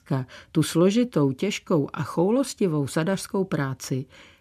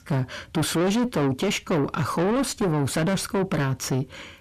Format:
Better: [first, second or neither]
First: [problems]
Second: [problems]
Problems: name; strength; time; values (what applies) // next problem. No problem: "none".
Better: first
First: none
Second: distortion; heavy; 5 dB below the speech